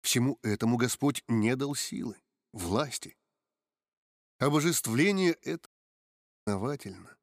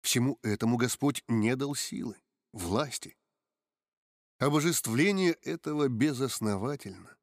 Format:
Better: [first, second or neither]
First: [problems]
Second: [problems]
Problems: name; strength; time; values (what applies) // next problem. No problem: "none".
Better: second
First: audio cutting out; at 5.5 s for 1 s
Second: none